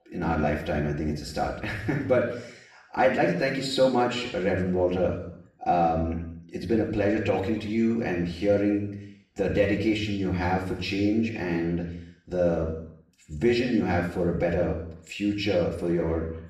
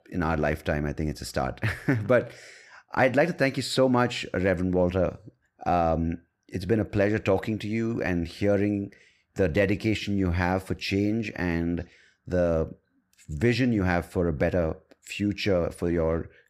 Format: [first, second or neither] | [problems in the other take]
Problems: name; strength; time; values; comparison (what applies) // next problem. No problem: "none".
second | room echo; noticeable; dies away in 0.7 s // off-mic speech; far